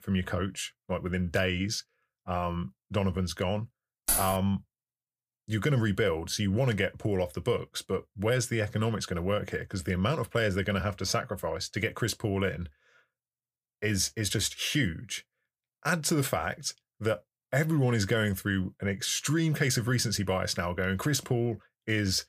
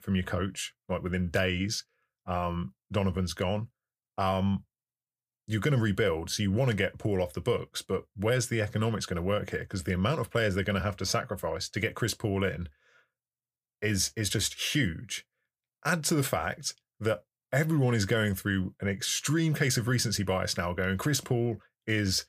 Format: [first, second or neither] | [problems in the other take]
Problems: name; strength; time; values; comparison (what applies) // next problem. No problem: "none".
second | jangling keys; loud; at 4 s; peak 3 dB above the speech